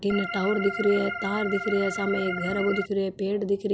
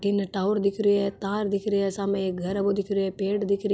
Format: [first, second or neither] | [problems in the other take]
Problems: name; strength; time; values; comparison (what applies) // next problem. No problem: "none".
second | background sound (Organ); 6 dB below the speech